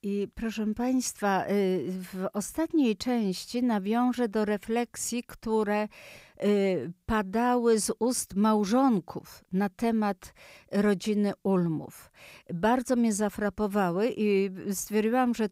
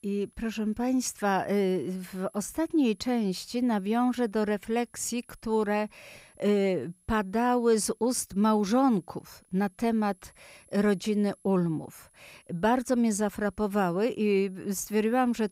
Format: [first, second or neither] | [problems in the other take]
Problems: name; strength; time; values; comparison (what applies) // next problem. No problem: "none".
first | high-pitched whine; faint; throughout; 11 kHz, 35 dB below the speech